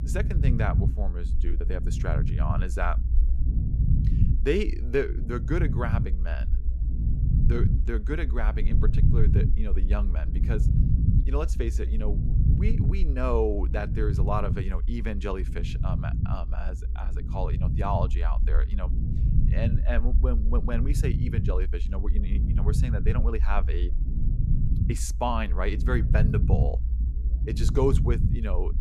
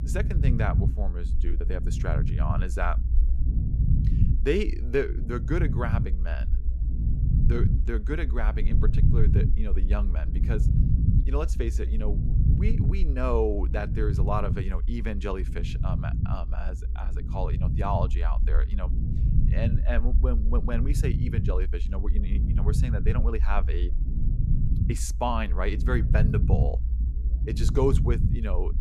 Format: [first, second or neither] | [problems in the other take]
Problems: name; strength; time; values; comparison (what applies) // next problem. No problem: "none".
neither | low rumble; loud; throughout; 8 dB below the speech; the same in both